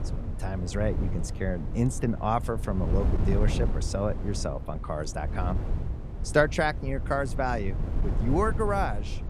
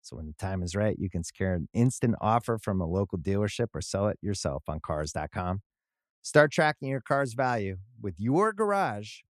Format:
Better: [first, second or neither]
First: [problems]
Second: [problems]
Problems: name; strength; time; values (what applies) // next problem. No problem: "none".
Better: second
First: wind noise on the microphone; occasional gusts; 15 dB below the speech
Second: none